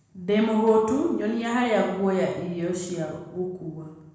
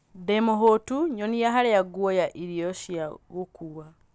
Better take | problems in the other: second | room echo; dies away in 1 s

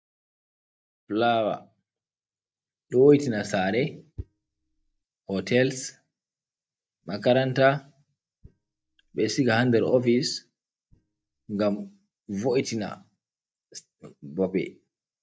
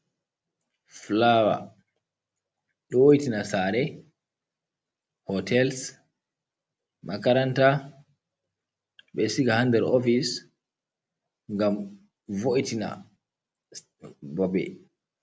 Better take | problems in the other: second | noise reduction (neural mask model DeepFilterNet 3)

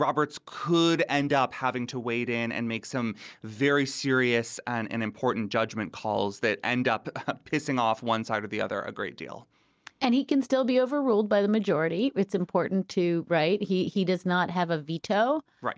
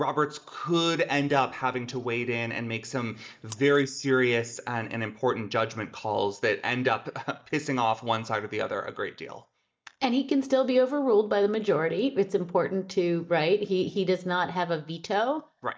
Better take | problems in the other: first | noise reduction (neural mask model DeepFilterNet 3)

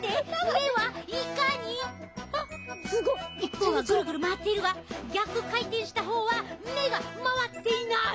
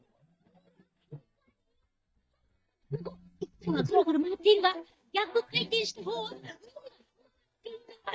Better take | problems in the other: first | noise reduction (neural mask model DeepFilterNet 3)

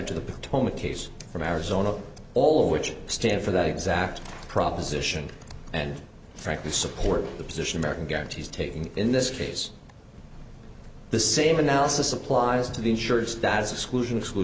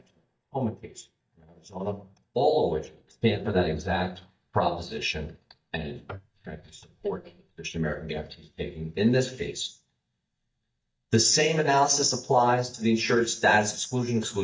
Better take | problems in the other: first | noise reduction (neural mask model DeepFilterNet 3)

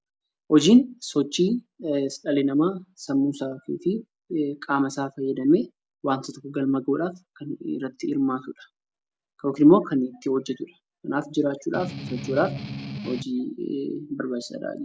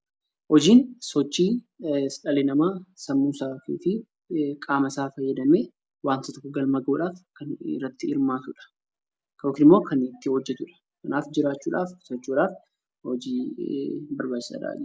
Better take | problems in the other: second | background sound (Strum); 9 dB below the speech

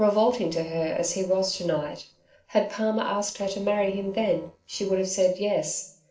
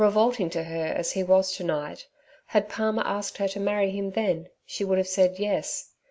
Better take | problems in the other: second | noise reduction (neural separator model SepFormer DNS4)

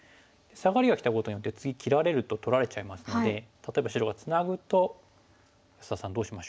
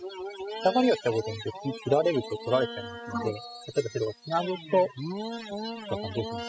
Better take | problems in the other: first | noise reduction (classical method spectral subtraction)

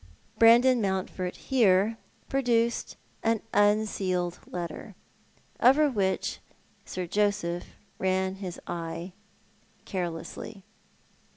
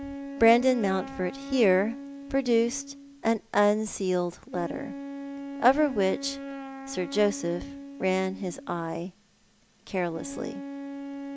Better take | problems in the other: first | background sound (Wind instrument, woodwind instrument); 11 dB below the speech

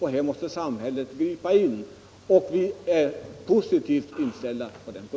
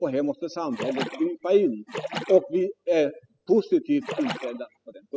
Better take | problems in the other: first | noise reduction (classical method spectral subtraction)

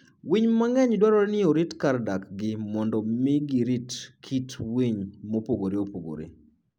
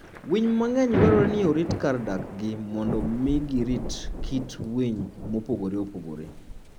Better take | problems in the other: first | background sound (Thunder / Rain); 4 dB below the speech

